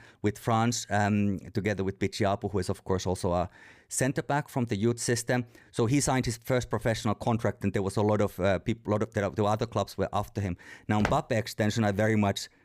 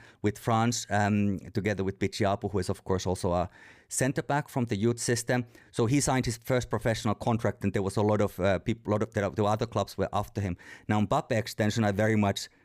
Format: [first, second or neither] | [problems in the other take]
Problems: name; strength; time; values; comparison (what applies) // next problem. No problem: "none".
second | footsteps; noticeable; at 11 s; peak 6 dB below the speech